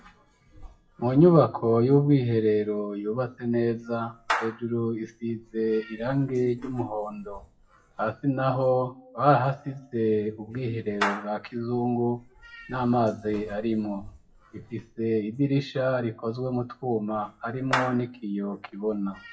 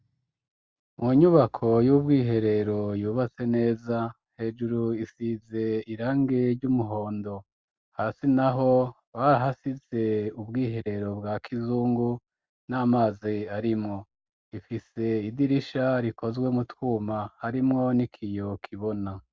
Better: second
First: noise reduction (classical method WPE with log-MMSE)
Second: none

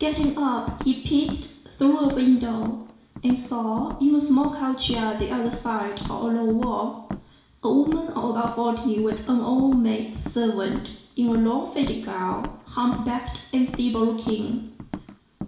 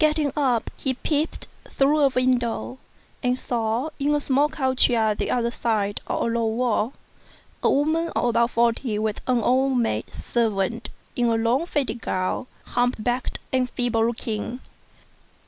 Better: second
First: background sound (Walk, footsteps); 14 dB below the speech // room echo; dies away in 0.7 s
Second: none

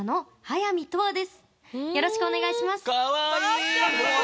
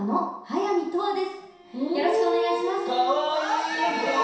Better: first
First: none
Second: background sound (Bowed string instrument); 13 dB below the speech // room echo; dies away in 0.7 s

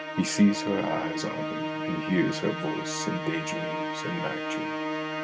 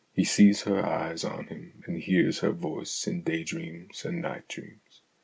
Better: second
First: background sound (Musical instrument); 2 dB below the speech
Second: none

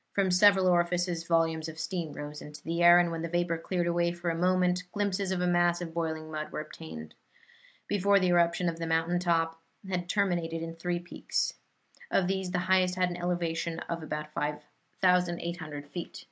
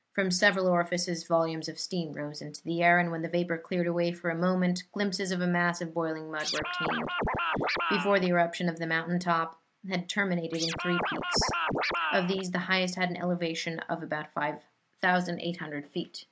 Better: first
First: none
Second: background sound (Scratching (performance technique)); 1 dB below the speech

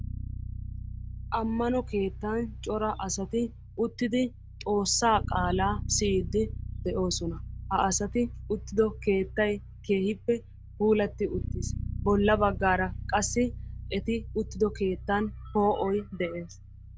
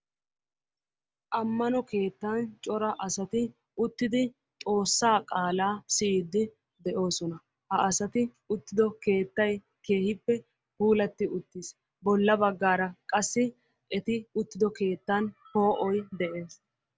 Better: second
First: background sound (Bass guitar); 9 dB below the speech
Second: none

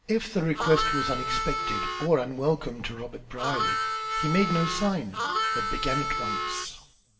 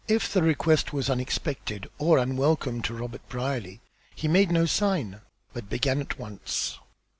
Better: second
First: background sound (Harmonica); as loud as the speech // room echo; dies away in 1 s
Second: none

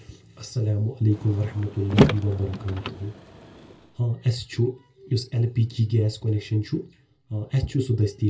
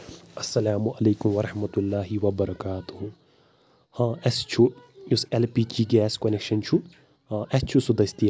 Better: second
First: background sound (Car); 2 dB below the speech // room echo; dies away in 0.2 s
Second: none

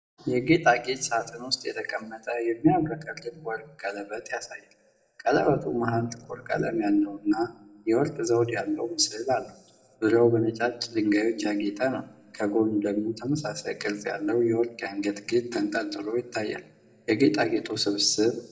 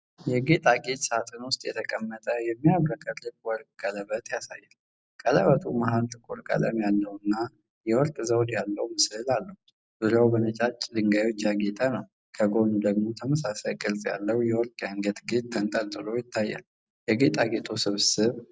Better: second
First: room echo; dies away in 1 s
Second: none

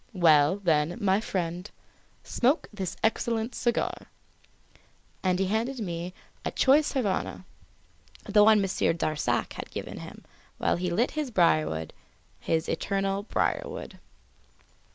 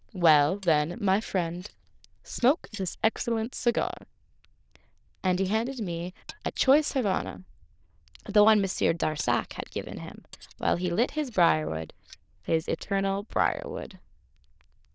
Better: first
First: none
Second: noise reduction (neural diffusion model UNIVERSE++)

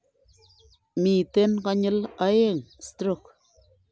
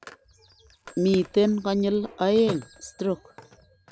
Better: first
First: none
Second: background sound (Telephone + Fireworks); 17 dB below the speech

